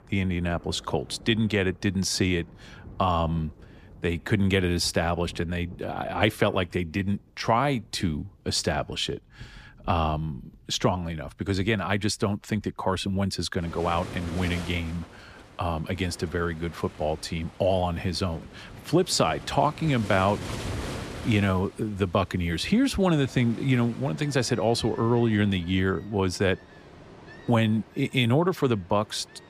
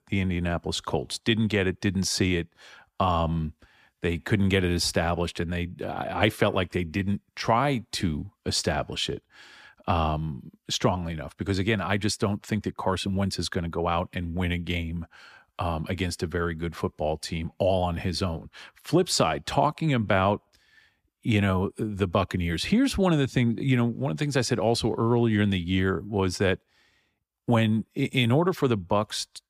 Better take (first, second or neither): second